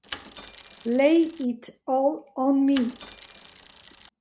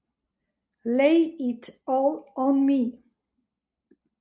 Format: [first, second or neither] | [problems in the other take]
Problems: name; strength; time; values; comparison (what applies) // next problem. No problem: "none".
second | background sound (Mechanisms / Bicycle); 19 dB below the speech